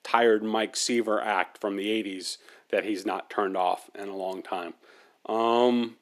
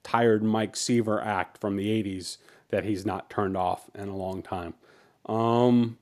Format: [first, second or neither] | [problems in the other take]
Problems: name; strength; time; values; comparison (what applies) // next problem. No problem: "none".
second | thin; very slightly; fading below 300 Hz